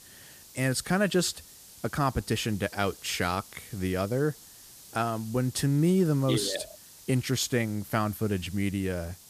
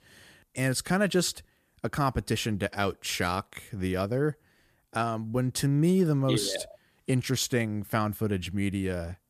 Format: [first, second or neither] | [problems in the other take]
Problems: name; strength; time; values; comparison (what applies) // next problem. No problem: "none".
second | hiss; noticeable; throughout; 20 dB below the speech